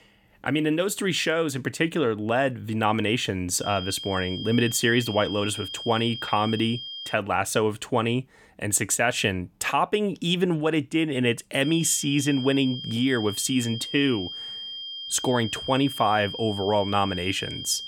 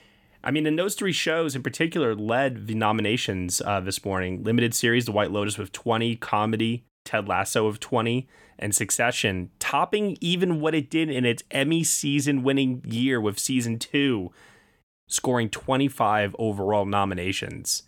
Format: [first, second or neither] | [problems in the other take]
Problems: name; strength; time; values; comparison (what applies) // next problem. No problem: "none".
second | high-pitched whine; loud; from 3.5 to 7 s and from 12 s on; 3 kHz, 9 dB below the speech